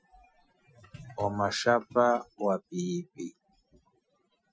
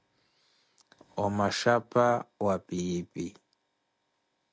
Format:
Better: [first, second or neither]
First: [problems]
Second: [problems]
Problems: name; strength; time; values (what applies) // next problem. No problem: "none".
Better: second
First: noise reduction (classical method Wiener filter)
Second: none